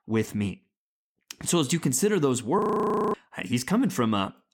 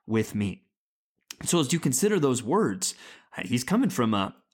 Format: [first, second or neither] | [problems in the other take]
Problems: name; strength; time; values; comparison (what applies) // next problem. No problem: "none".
second | audio freezing; at 2.5 s for 0.5 s